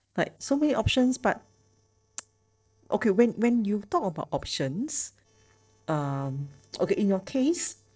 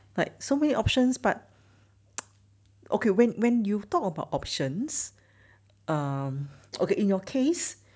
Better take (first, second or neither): second